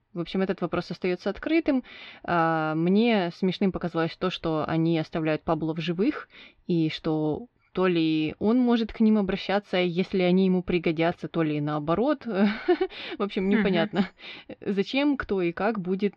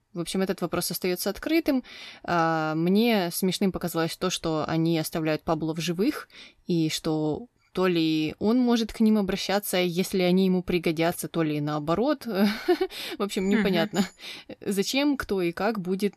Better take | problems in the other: second | muffled; slightly; fading above 3.5 kHz

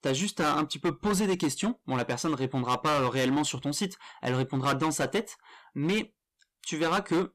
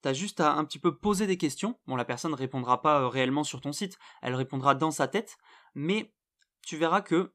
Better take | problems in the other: second | distortion; heavy; 12% of the sound clipped

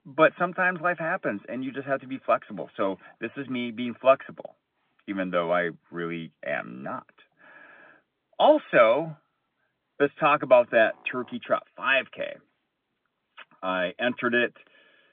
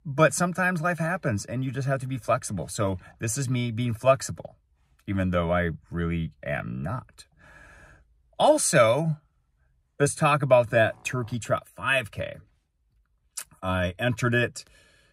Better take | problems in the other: second | phone-call audio; nothing above 3.5 kHz

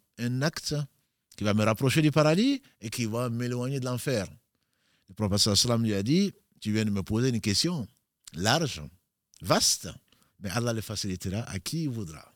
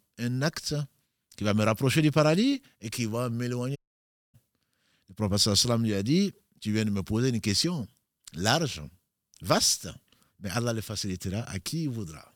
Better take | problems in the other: first | audio cutting out; at 4 s for 0.5 s

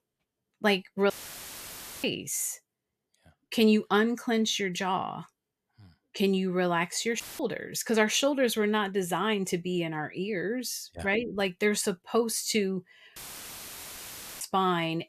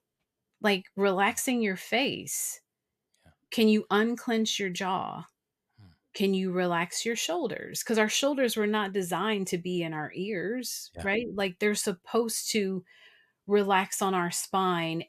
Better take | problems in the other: second | audio cutting out; filled with static; at 1 s for 1 s, at 7 s and at 13 s for 1.5 s

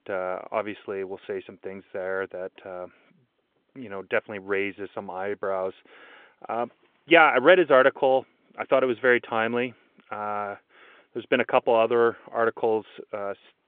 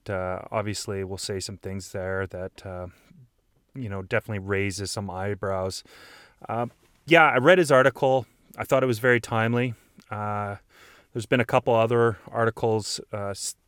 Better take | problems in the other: second | phone-call audio

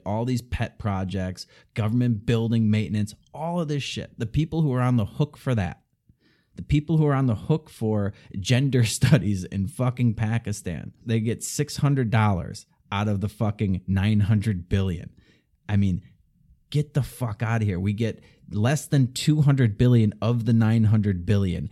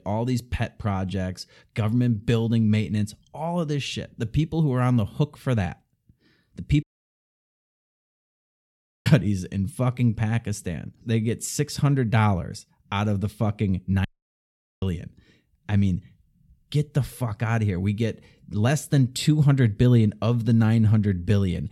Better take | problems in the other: first | audio cutting out; at 7 s for 2 s and at 14 s for 1 s

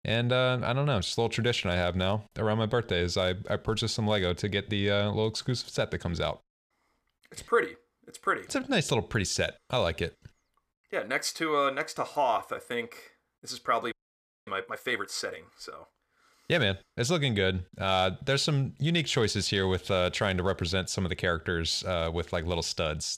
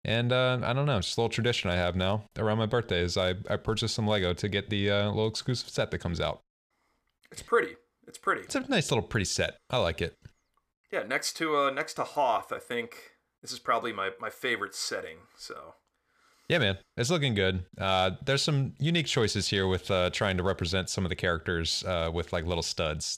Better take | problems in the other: second | audio freezing; at 14 s for 0.5 s

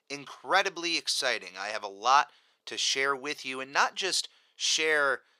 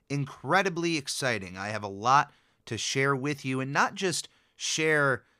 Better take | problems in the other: second | thin; somewhat; fading below 550 Hz

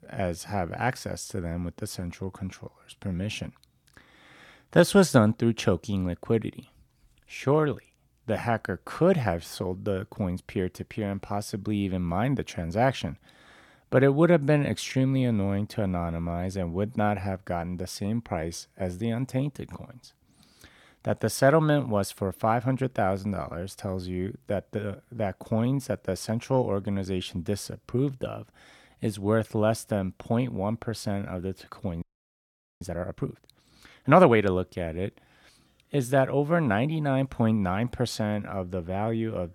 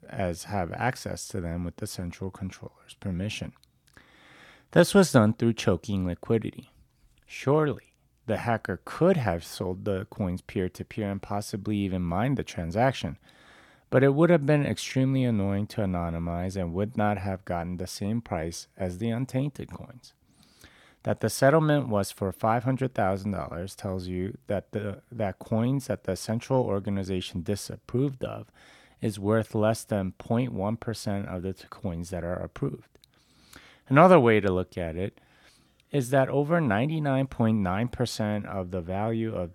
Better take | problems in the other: second | audio freezing; at 32 s for 1 s

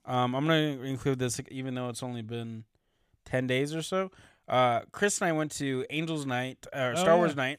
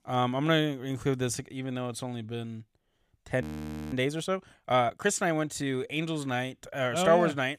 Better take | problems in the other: first | audio freezing; at 3.5 s for 0.5 s

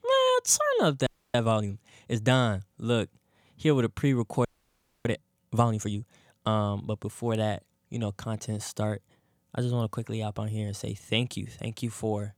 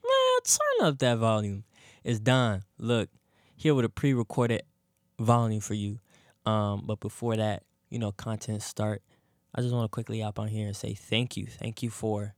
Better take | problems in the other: second | audio freezing; at 1 s and at 4.5 s for 0.5 s

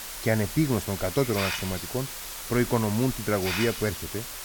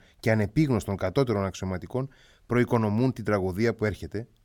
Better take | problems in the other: second | hiss; loud; throughout; 5 dB below the speech

